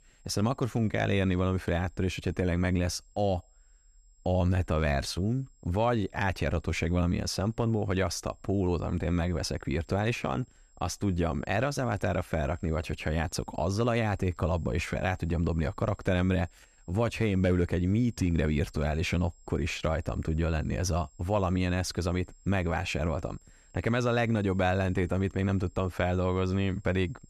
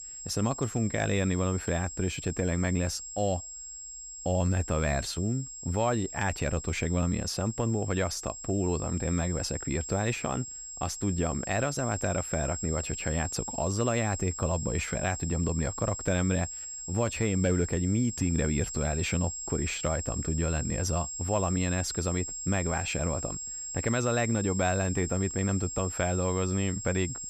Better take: first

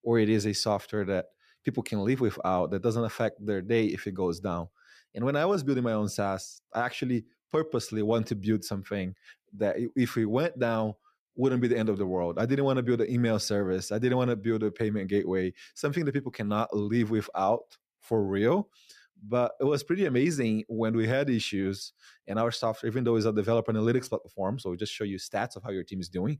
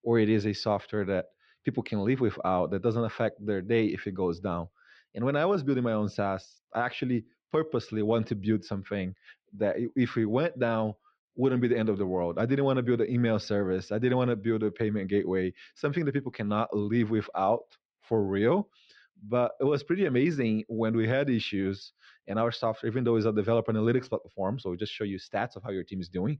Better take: first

